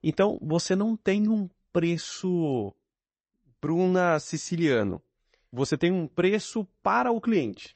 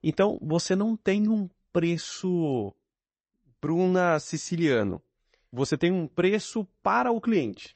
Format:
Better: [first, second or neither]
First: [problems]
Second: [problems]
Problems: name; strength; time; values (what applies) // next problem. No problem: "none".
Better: neither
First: garbled, watery; slightly; nothing above 8 kHz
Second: garbled, watery; slightly; nothing above 8 kHz